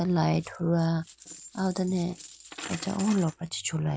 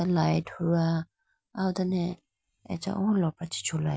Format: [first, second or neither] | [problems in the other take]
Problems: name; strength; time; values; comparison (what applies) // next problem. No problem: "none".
second | background sound (Coin (dropping)); 16 dB below the speech